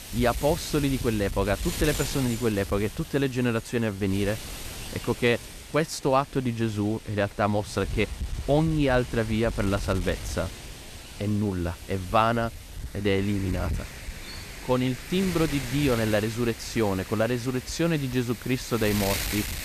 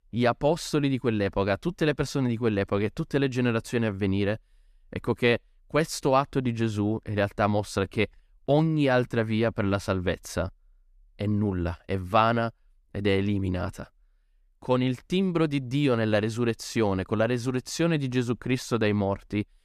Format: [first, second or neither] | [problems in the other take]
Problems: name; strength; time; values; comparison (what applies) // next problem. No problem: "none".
second | wind noise on the microphone; occasional gusts; 10 dB below the speech